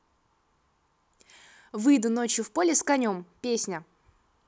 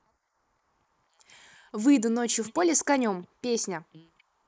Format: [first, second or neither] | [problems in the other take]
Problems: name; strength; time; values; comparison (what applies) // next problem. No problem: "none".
first | noise reduction (neural mask model Resemble Enhance denoiser)